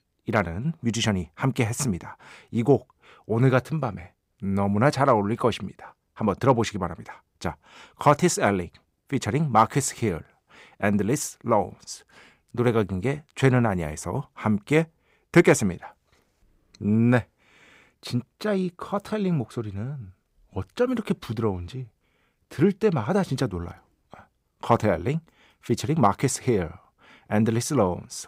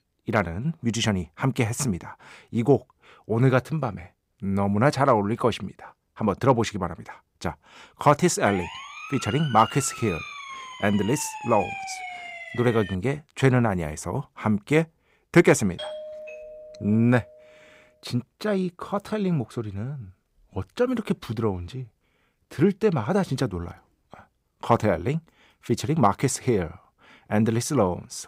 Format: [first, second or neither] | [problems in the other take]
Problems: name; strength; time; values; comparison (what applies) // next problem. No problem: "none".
first | siren; noticeable; from 8.5 to 13 s; peak 8 dB below the speech // doorbell; faint; from 16 to 18 s; peak 10 dB below the speech